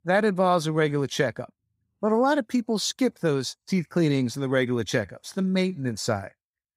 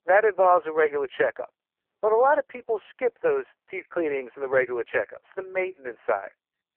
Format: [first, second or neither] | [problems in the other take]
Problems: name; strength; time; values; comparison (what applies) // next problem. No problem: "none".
first | phone-call audio; poor line